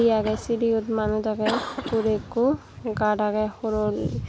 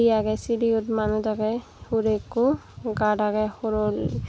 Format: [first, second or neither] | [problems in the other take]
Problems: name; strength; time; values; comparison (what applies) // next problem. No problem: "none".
second | background sound (Cough); 13 dB below the speech